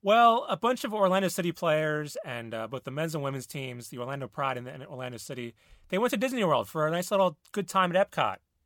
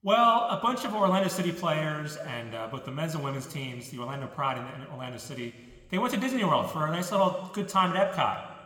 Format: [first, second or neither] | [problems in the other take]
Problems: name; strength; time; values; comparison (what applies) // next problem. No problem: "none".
first | room echo; very slight; dies away in 1.4 s